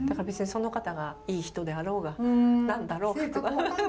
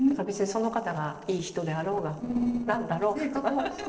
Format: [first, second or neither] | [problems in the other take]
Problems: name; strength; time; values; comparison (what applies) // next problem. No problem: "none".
first | noise reduction (neural separator model SepFormer DNS4)